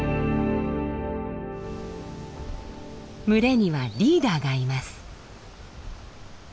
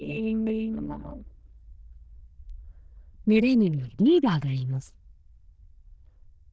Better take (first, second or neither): first